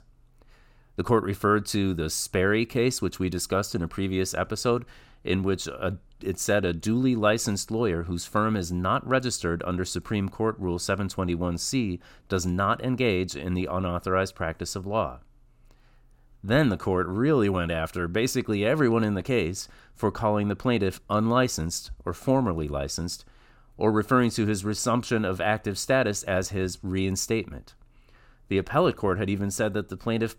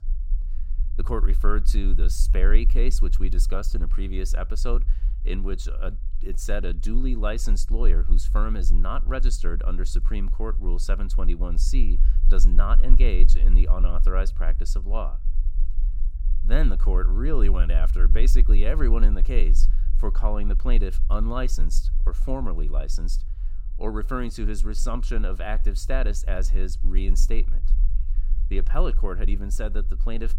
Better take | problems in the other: first | low rumble; noticeable; throughout; 15 dB below the speech

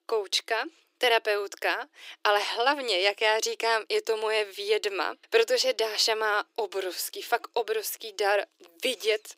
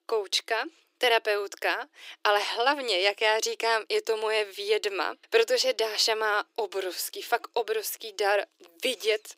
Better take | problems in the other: neither | thin; very; fading below 300 Hz; the same in both

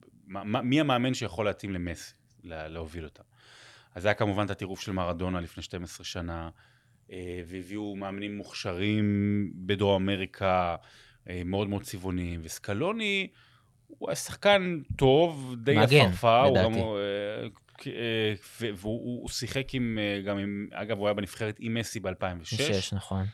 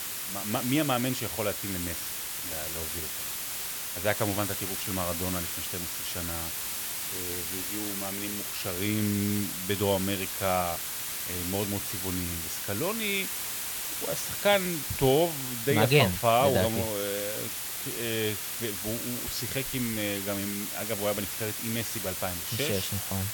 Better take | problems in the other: first | hiss; loud; throughout; 1 dB below the speech

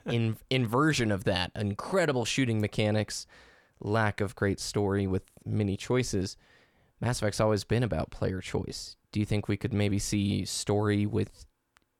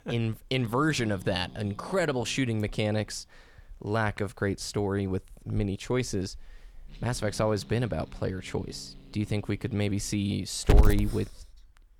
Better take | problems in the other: first | hiss; loud; throughout; 2 dB below the speech

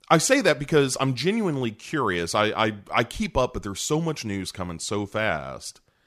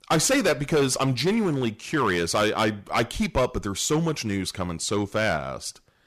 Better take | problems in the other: first | distortion; heavy; 8% of the sound clipped

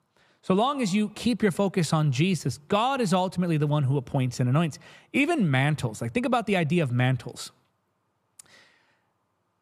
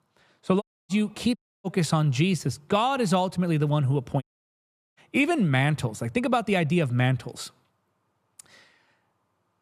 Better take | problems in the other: first | audio cutting out; at 0.5 s, at 1.5 s and at 4 s for 0.5 s

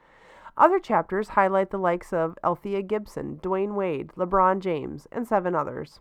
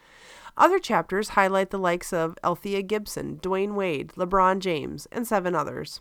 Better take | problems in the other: second | muffled; very; fading above 2.5 kHz

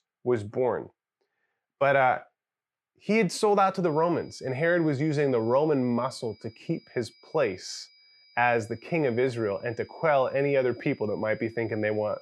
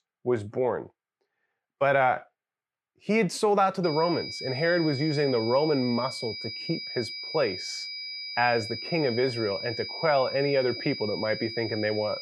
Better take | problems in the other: first | high-pitched whine; loud; from 4 s on; 5 kHz, 7 dB below the speech; faint in the first

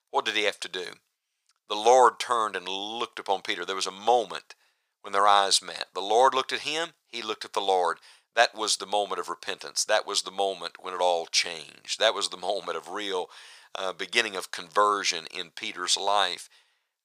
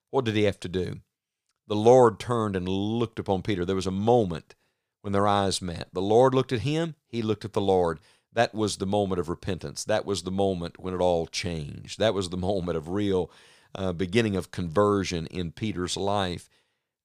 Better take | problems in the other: second | thin; very; fading below 900 Hz

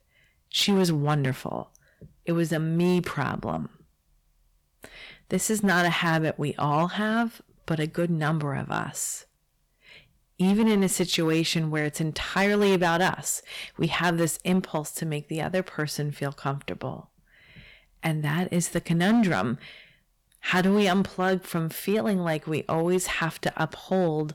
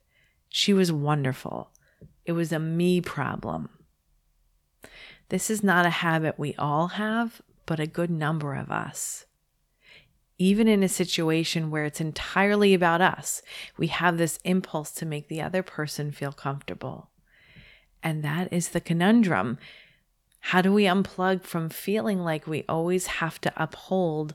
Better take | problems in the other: second | distortion; slight; 5% of the sound clipped

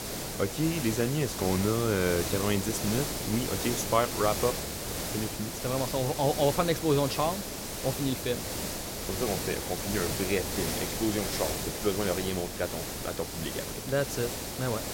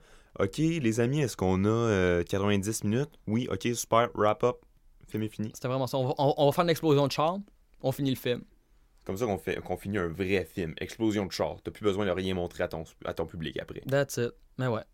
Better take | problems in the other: second | hiss; loud; throughout; 2 dB below the speech

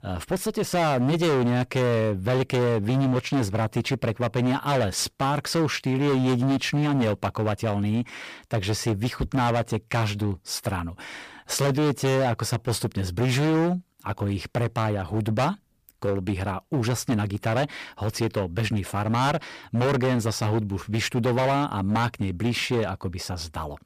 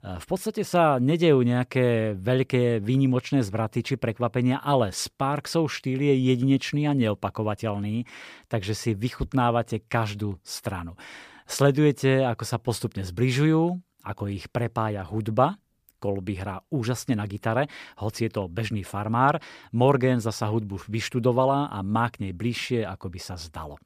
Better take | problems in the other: second | distortion; heavy; 19% of the sound clipped

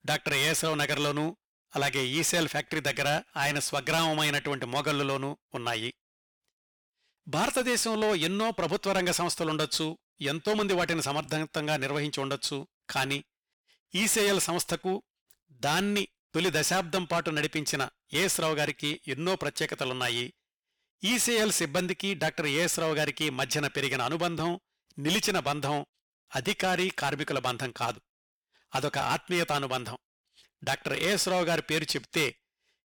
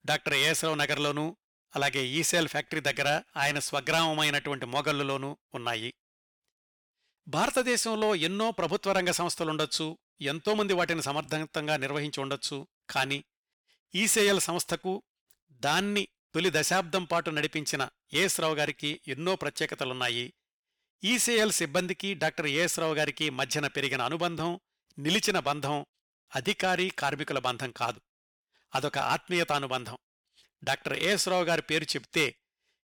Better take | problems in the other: second | distortion; slight; 10% of the sound clipped

